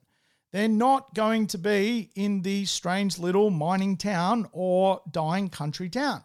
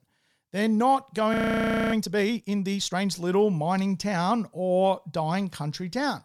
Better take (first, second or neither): first